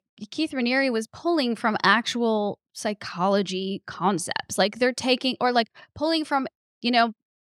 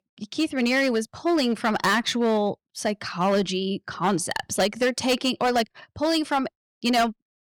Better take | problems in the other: first | distortion; slight; 7% of the sound clipped

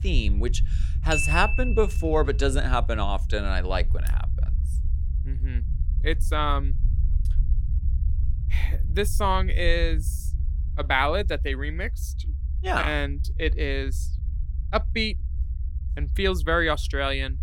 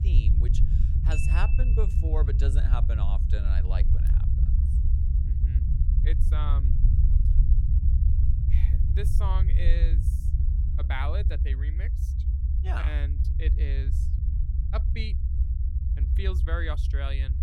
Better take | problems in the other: first | low rumble; loud; throughout; 5 dB below the speech; faint in the first

